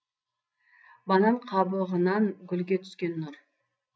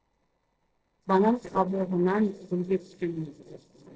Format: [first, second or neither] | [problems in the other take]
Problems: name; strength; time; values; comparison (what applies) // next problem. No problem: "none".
first | noise reduction (neural separator model SepFormer DNS4)